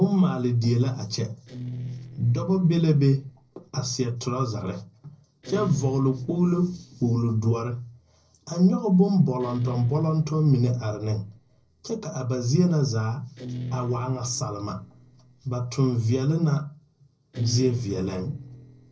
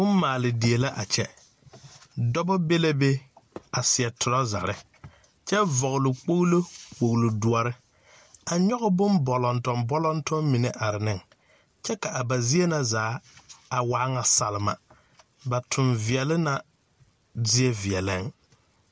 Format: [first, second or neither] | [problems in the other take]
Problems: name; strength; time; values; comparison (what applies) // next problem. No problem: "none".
second | noise reduction (neural separator model SepFormer DNS4)